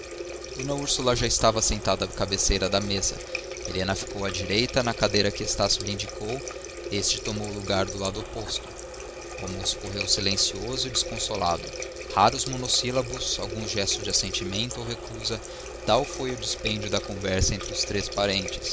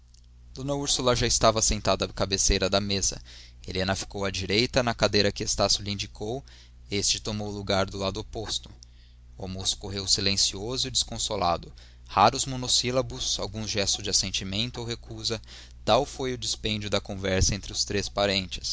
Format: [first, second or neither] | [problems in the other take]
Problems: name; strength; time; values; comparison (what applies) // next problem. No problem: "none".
second | background sound (Water tap, faucet); 9 dB below the speech